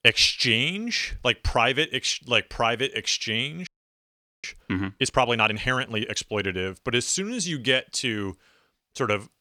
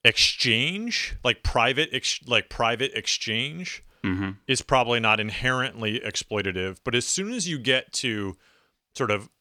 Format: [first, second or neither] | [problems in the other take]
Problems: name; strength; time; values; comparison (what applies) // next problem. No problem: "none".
second | audio freezing; at 3.5 s for 1 s